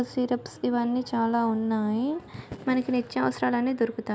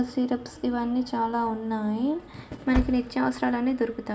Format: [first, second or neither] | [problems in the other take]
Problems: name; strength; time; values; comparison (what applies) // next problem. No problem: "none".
first | background sound (Engine starting); 12 dB below the speech // room echo; dies away in 0.4 s